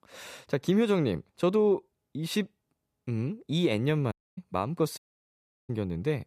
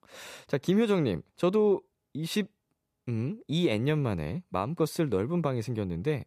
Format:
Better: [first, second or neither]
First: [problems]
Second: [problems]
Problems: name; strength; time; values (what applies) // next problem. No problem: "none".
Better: second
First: audio cutting out; at 4 s and at 5 s for 0.5 s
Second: none